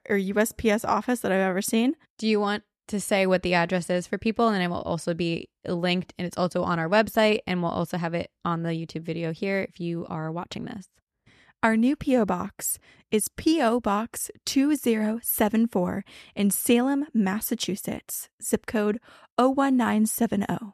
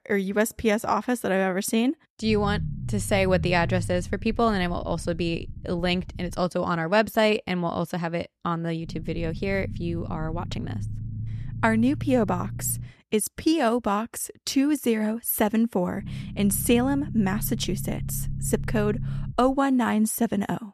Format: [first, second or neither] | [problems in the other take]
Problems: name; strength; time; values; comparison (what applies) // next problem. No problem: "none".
first | low rumble; noticeable; from 2.5 to 6.5 s, from 9 to 13 s and from 16 to 20 s; 20 dB below the speech